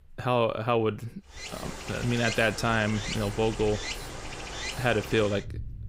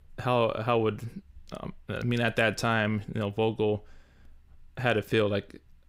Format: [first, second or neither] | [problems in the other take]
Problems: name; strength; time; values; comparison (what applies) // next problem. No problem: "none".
second | rain or running water; loud; from 1.5 s on; 9 dB below the speech